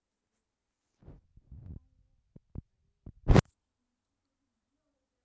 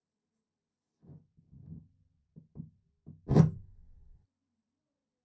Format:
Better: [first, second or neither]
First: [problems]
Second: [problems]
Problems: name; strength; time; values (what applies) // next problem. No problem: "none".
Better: first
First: none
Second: room echo; dies away in 0.3 s